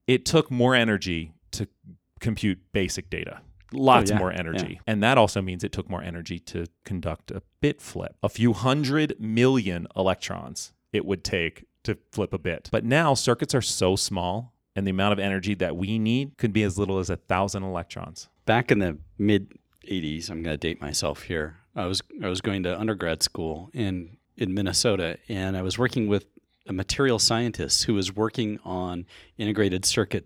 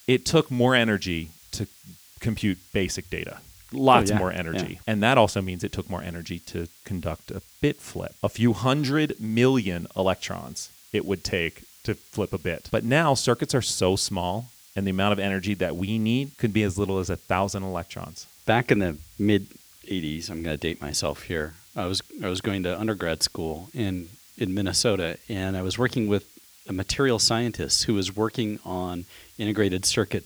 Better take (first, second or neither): first